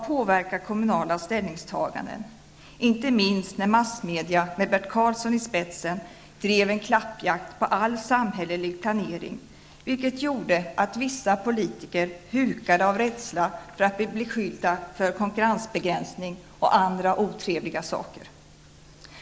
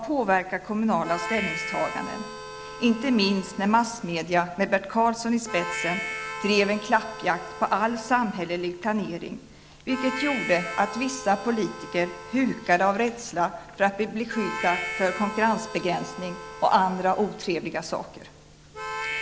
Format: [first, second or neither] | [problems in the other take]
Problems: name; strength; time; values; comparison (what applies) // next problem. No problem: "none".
first | background sound (Harmonica); 11 dB below the speech